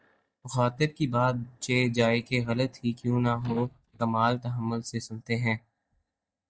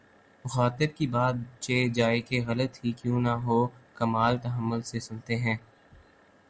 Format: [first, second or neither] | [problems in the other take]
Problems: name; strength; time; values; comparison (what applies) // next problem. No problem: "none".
second | noise reduction (neural mask model DeepFilterNet 3)